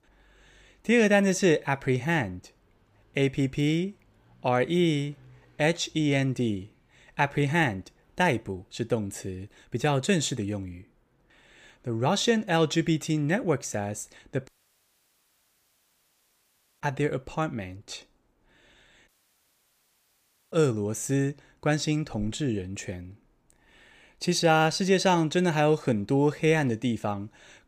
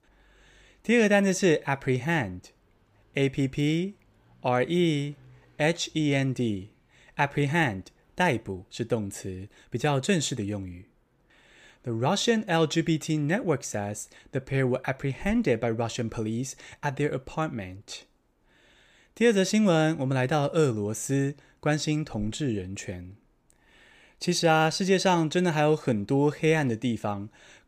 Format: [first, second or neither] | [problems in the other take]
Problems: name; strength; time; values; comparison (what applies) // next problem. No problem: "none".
second | audio cutting out; at 14 s for 2.5 s and at 19 s for 1.5 s